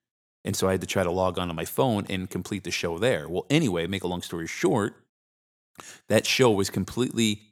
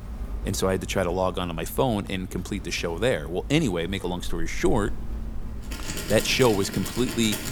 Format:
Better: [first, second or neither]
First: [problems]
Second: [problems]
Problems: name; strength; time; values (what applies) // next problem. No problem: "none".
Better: first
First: none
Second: machinery noise; noticeable; throughout; 10 dB below the speech